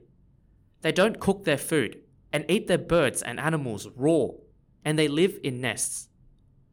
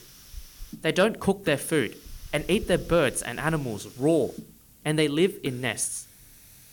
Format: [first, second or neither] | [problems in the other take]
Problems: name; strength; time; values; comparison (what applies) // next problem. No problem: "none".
first | hiss; faint; throughout; 20 dB below the speech